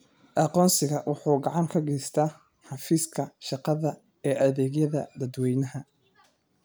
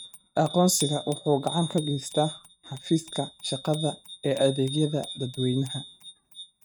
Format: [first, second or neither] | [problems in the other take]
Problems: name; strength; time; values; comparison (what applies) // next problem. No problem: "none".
first | noise reduction (neural mask model RNNoise)